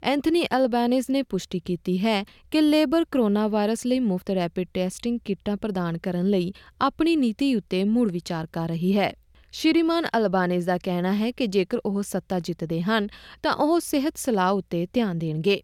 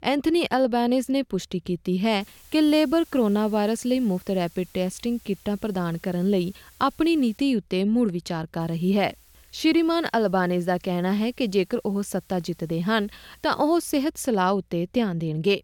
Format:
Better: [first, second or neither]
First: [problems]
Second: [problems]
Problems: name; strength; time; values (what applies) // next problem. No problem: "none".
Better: first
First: none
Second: hiss; faint; from 2 to 7.5 s and from 8.5 to 14 s; 25 dB below the speech